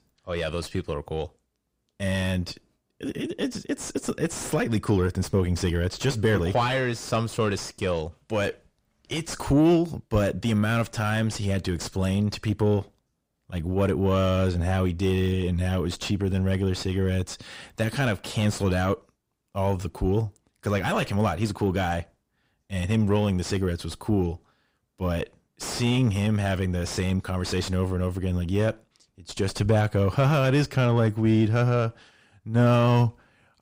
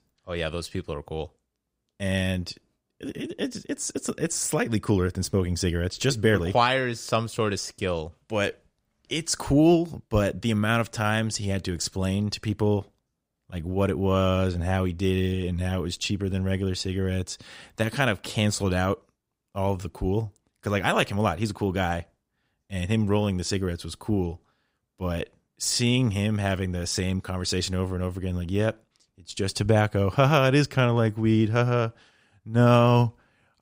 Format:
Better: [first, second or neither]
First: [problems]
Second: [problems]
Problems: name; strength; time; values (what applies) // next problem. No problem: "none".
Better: second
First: distortion; slight; 9 dB below the speech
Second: none